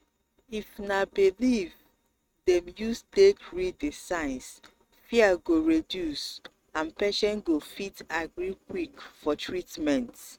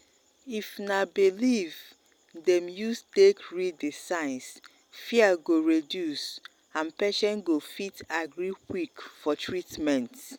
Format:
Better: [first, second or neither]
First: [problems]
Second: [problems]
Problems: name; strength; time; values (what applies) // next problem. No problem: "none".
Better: second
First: noise reduction (neural mask model RNNoise)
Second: none